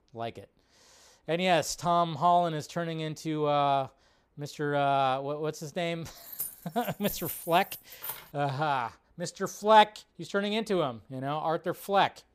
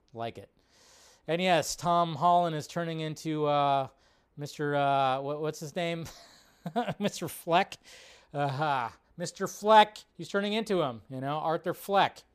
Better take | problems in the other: second | jangling keys; noticeable; from 6.5 to 8 s; peak 7 dB below the speech

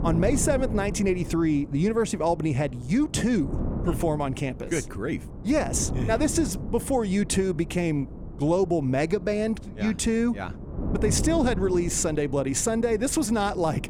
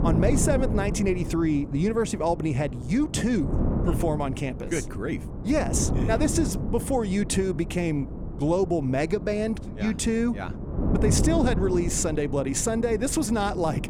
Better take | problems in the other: first | wind noise on the microphone; heavy; 10 dB below the speech; occasional gusts in the first

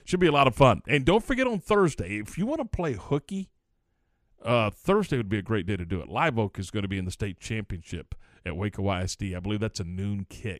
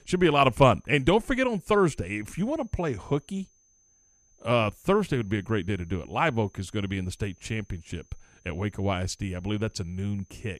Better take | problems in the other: first | high-pitched whine; faint; throughout; 6 kHz, 35 dB below the speech

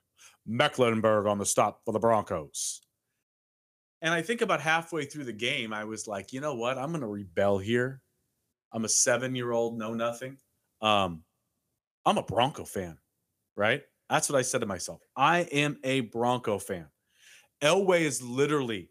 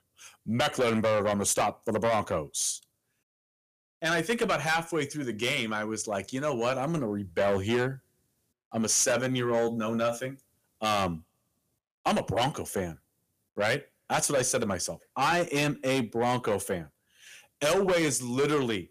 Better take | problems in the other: first | distortion; heavy; 7 dB below the speech

